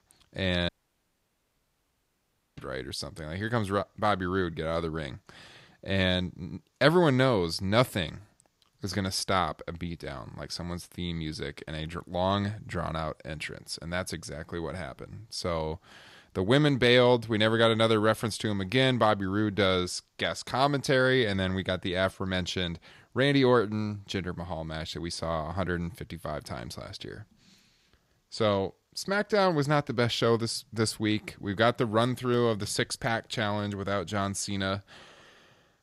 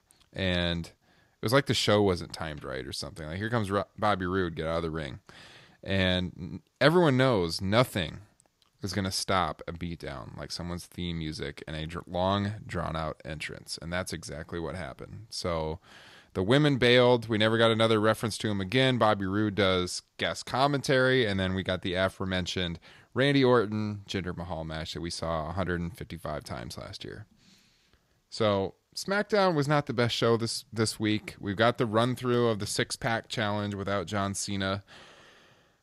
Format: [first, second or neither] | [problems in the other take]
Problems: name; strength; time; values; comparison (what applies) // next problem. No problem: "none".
second | audio cutting out; at 0.5 s for 2 s